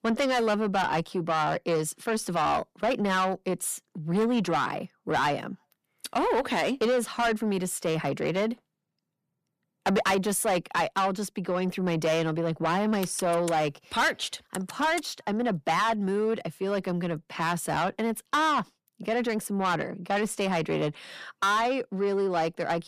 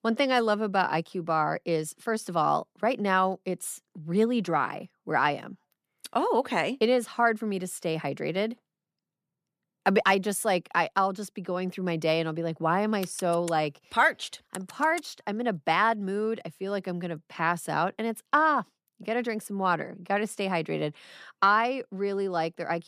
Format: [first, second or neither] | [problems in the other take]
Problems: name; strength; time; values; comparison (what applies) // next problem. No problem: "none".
second | distortion; heavy; 7 dB below the speech